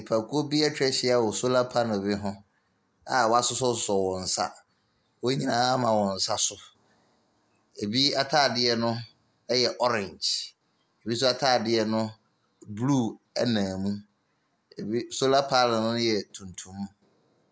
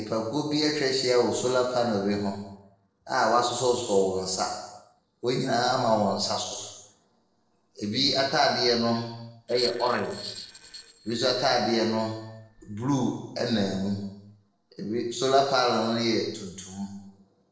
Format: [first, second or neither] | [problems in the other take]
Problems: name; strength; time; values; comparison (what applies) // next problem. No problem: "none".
first | noise reduction (neural separator model SepFormer DNS4)